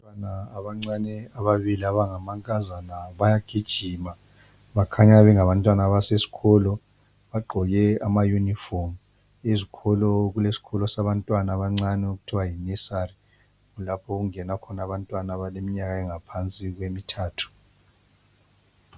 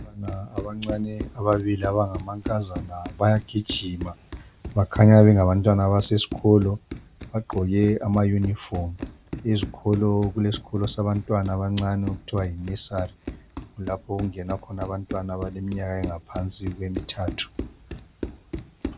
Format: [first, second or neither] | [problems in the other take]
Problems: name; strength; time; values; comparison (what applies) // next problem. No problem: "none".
first | background sound (Run); 13 dB below the speech